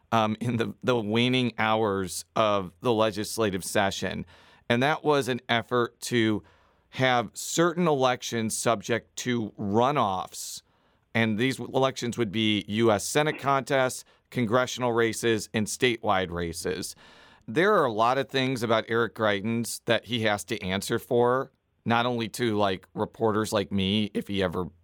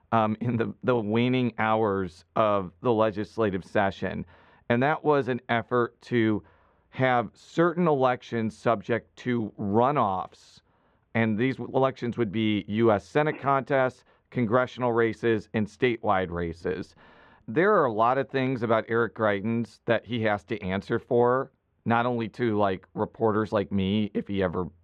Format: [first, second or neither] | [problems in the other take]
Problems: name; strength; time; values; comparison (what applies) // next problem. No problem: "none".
first | muffled; very; fading above 2 kHz